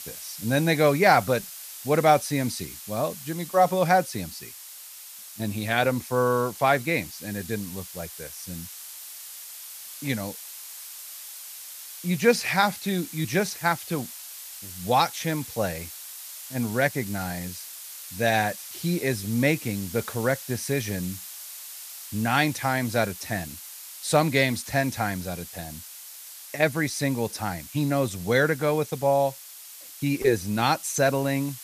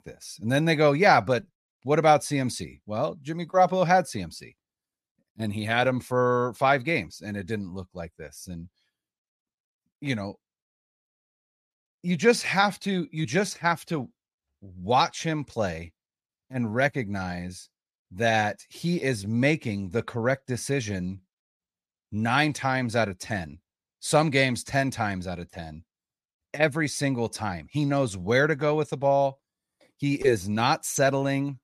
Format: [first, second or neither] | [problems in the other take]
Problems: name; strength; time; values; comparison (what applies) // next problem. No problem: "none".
second | hiss; noticeable; throughout; 15 dB below the speech